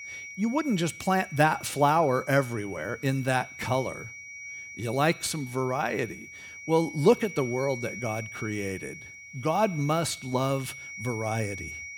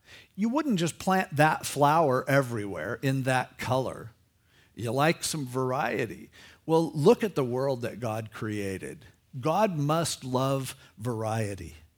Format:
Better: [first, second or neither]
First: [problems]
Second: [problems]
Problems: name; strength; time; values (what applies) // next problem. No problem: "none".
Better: second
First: high-pitched whine; noticeable; throughout; 2.5 kHz, 15 dB below the speech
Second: none